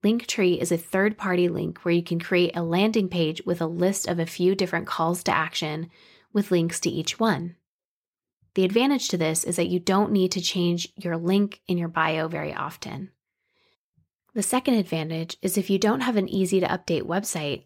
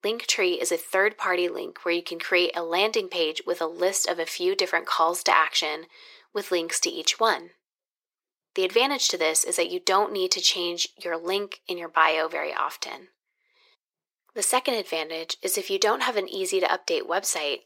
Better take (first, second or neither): first